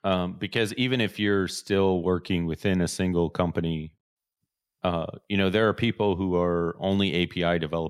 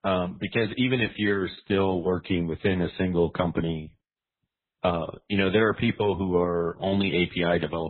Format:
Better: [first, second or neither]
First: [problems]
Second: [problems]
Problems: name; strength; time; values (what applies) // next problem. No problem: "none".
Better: first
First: none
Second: garbled, watery; badly; nothing above 4 kHz